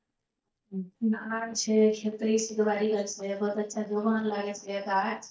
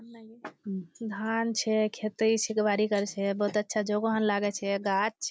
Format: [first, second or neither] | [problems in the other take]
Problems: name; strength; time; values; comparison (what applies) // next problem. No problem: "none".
second | noise reduction (neural mask model DeepFilterNet 3)